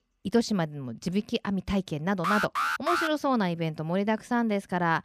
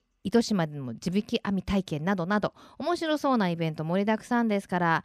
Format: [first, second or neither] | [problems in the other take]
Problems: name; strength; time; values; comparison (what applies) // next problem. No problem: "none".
second | alarm; loud; at 2 s; peak 1 dB above the speech